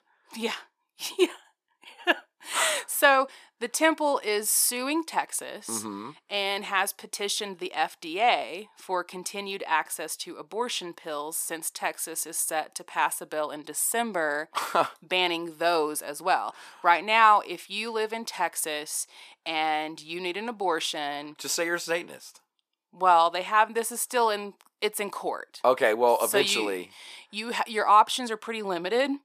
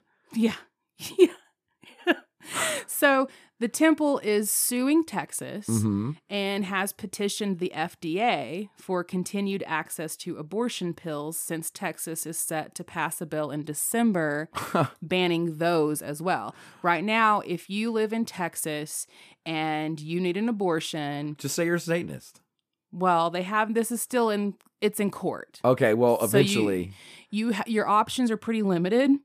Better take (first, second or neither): second